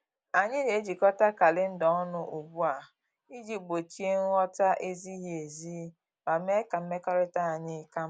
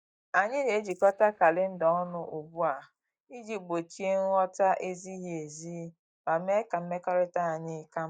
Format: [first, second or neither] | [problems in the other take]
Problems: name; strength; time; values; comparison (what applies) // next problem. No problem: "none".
first | noise reduction (neural mask model DeepFilterNet 3)